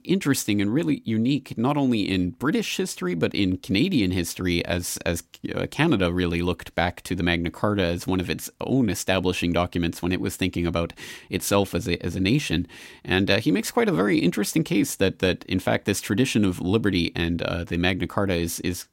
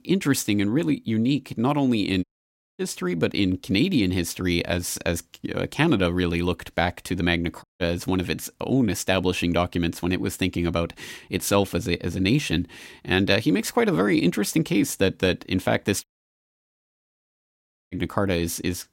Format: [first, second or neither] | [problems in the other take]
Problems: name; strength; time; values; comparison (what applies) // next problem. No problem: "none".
first | audio cutting out; at 2 s for 0.5 s, at 7.5 s and at 16 s for 2 s